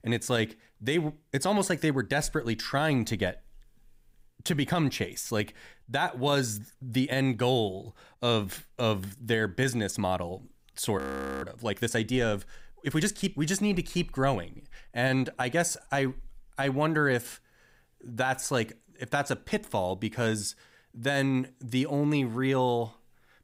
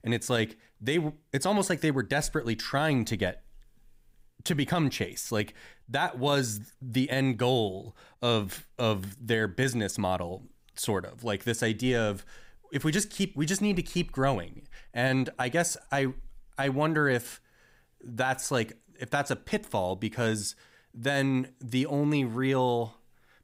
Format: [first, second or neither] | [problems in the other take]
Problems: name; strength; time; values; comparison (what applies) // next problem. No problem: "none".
second | audio freezing; at 11 s